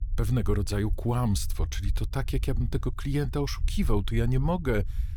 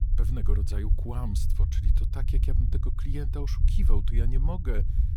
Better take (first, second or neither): first